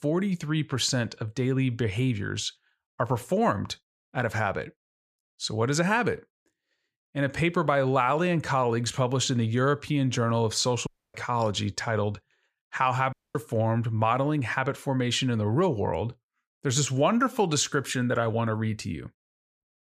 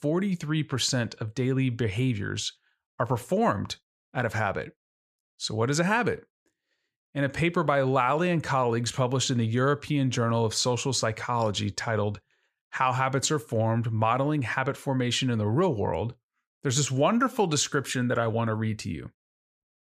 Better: second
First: audio cutting out; at 11 s and at 13 s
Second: none

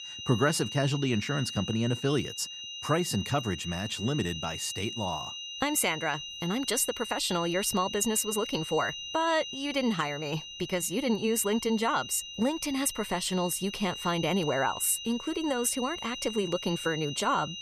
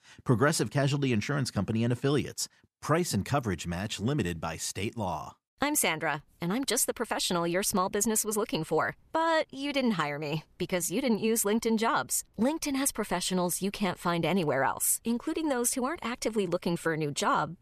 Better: second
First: high-pitched whine; loud; throughout; 3 kHz, 8 dB below the speech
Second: none

